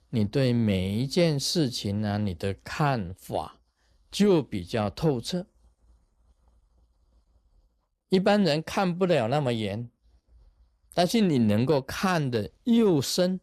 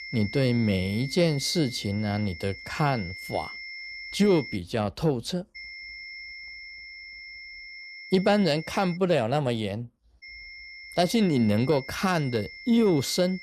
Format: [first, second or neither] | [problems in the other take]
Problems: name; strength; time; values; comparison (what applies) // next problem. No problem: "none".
first | high-pitched whine; noticeable; until 4.5 s, from 5.5 to 9 s and from 10 s on; 2 kHz, 15 dB below the speech